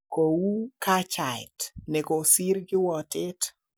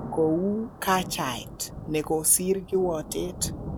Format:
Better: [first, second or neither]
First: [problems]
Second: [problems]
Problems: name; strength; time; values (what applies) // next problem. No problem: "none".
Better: first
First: none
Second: background sound (Thunder); 12 dB below the speech